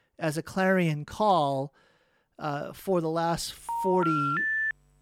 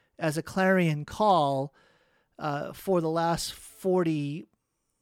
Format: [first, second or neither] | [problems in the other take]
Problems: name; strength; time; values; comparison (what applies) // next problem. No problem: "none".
second | phone ringing; loud; from 3.5 s on; peak 2 dB above the speech